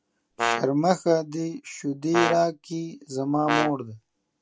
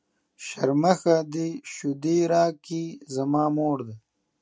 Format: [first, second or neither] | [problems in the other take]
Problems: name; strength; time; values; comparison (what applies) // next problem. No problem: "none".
second | background sound (Brass instrument); 3 dB below the speech